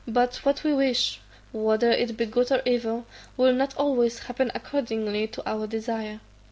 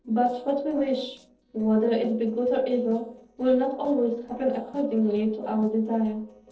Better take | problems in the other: first | noise reduction (neural separator model SepFormer DNS4)

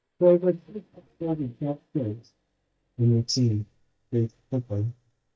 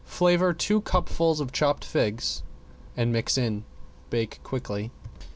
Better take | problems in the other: second | noise reduction (neural mask model DeepFilterNet 3)

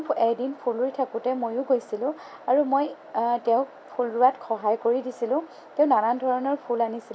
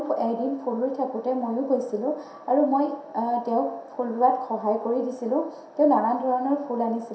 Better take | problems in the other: first | room echo; dies away in 0.7 s

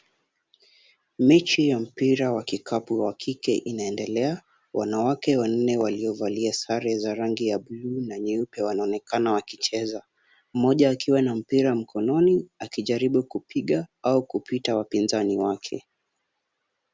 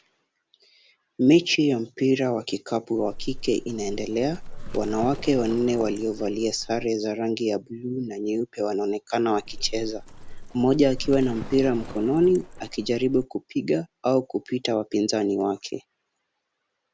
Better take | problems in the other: first | background sound (Livestock, farm animals, working animals); 10 dB below the speech

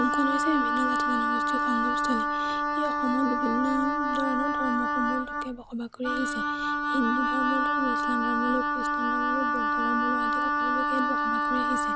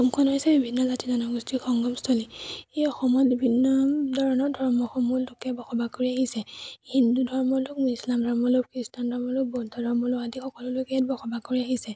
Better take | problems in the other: second | background sound (Wind instrument, woodwind instrument); 4 dB above the speech

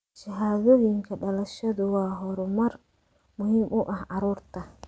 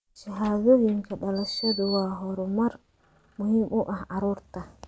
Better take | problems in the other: first | background sound (Door); 13 dB below the speech

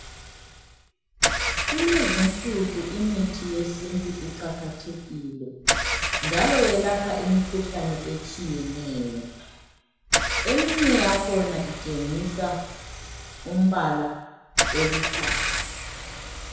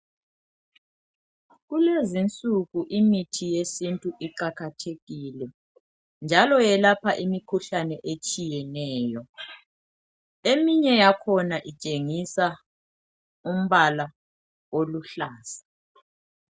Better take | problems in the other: second | background sound (Engine / Car); 2 dB below the speech // room echo; dies away in 1 s

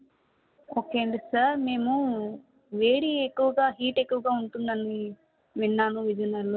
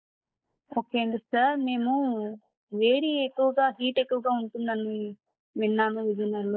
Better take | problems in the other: first | noise reduction (neural mask model Resemble Enhance denoiser)

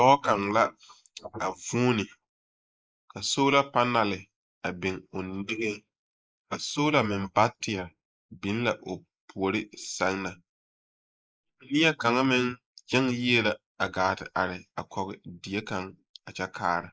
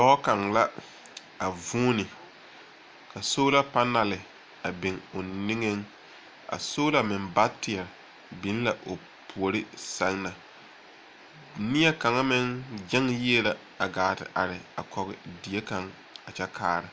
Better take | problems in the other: second | noise reduction (neural mask model Resemble Enhance denoiser)

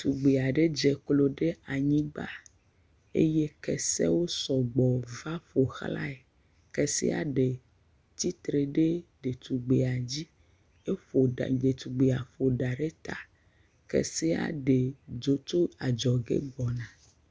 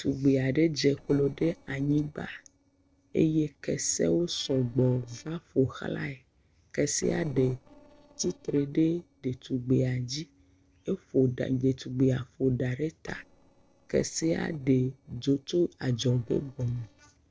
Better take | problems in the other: first | noise reduction (neural separator model SepFormer DNS4)

